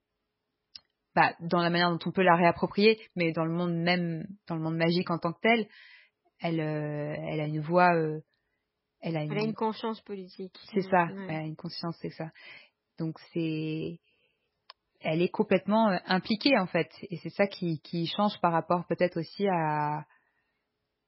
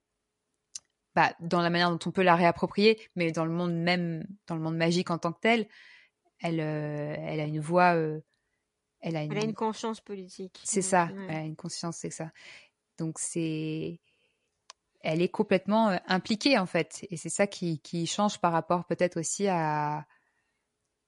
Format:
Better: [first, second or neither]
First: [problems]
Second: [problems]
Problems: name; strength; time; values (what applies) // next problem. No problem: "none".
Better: second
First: garbled, watery; badly; nothing above 5 kHz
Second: garbled, watery; slightly; nothing above 10 kHz